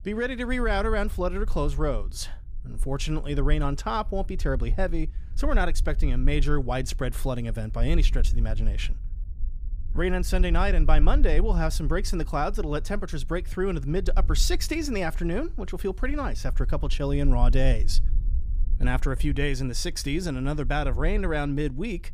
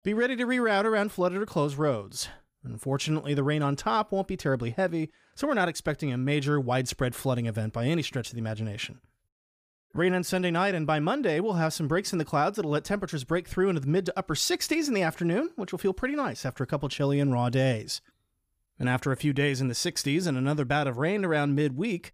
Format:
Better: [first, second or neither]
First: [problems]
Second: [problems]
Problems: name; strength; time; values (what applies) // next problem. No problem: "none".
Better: second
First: low rumble; faint; throughout; 25 dB below the speech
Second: none